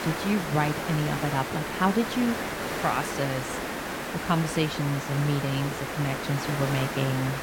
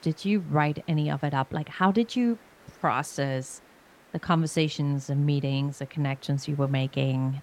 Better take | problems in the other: second | hiss; loud; throughout; 3 dB below the speech; faint in the second

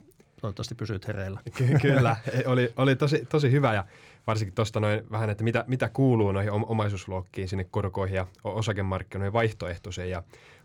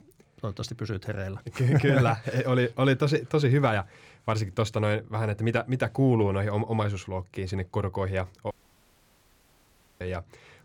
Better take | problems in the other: first | audio cutting out; at 8.5 s for 1.5 s

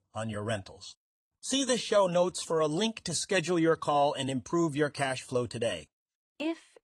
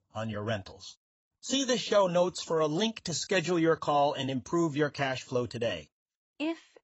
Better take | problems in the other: first | garbled, watery; badly; nothing above 7.5 kHz; slightly in the first

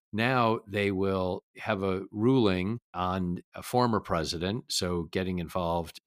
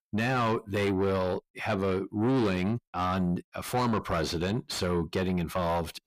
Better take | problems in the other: first | distortion; heavy; 6 dB below the speech

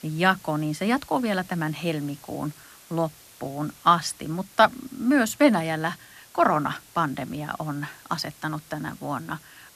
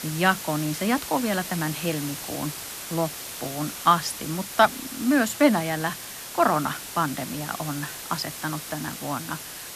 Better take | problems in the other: first | hiss; loud; throughout; 8 dB below the speech; faint in the first

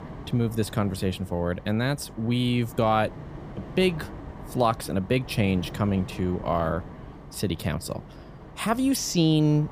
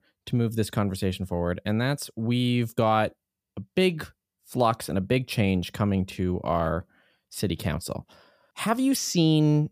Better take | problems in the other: second | wind noise on the microphone; occasional gusts; 15 dB below the speech

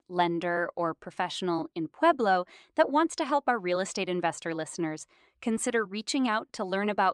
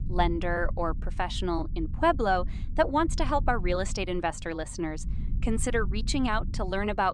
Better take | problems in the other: first | low rumble; faint; throughout; 20 dB below the speech

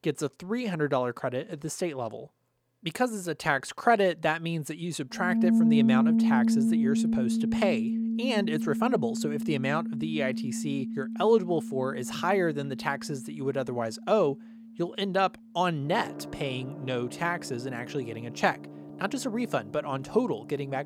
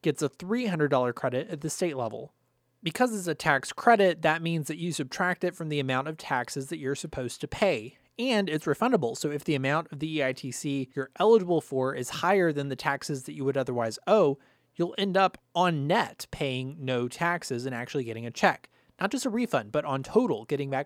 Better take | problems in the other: second | background music; very loud; from 5.5 s on; 1 dB above the speech

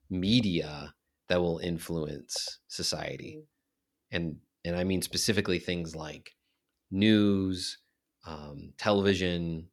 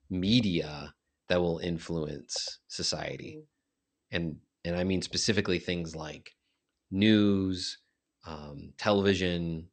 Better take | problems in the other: first | garbled, watery; slightly; nothing above 8.5 kHz

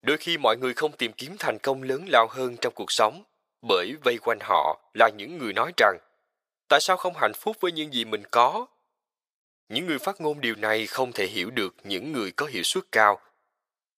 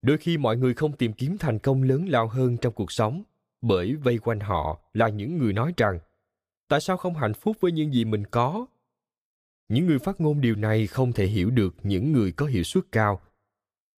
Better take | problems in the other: second | thin; very; fading below 650 Hz

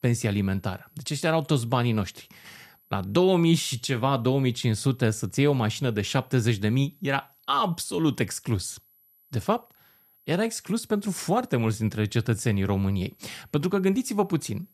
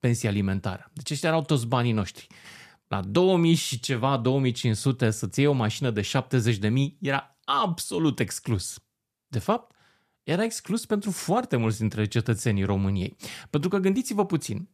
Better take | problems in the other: second | high-pitched whine; faint; throughout; 12 kHz, 30 dB below the speech

